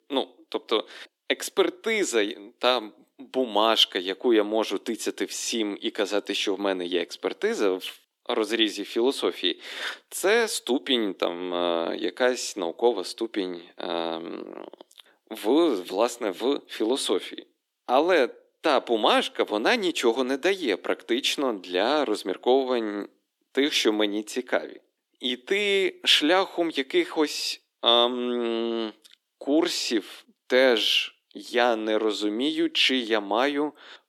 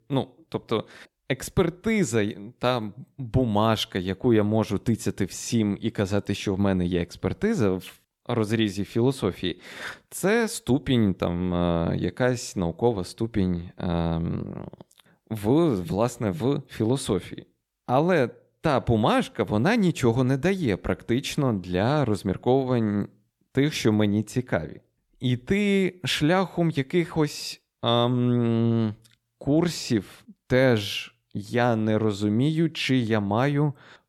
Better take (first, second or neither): second